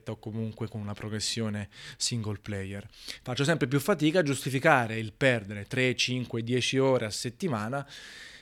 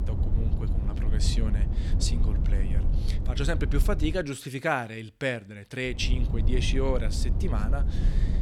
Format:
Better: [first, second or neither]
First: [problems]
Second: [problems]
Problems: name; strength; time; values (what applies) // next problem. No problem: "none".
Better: first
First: none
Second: low rumble; noticeable; until 4 s and from 6 s on; 10 dB below the speech